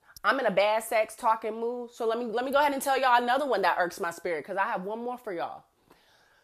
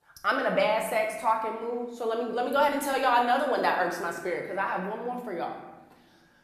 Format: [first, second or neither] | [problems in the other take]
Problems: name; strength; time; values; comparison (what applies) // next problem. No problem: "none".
first | room echo; slight; dies away in 1.1 s // off-mic speech; somewhat distant